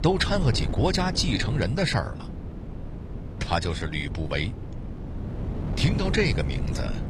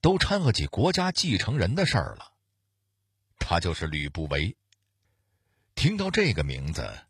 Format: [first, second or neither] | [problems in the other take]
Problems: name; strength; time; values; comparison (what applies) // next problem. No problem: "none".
second | wind noise on the microphone; occasional gusts; 15 dB below the speech